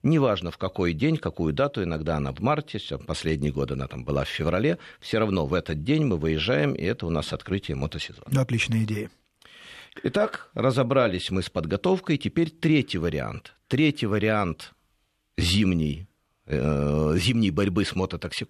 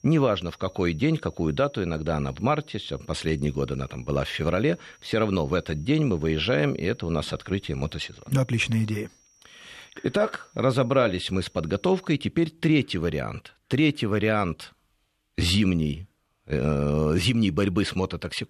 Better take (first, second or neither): first